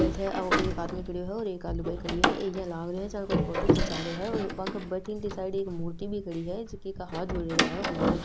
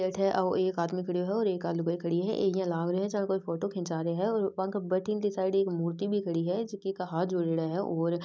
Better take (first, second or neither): second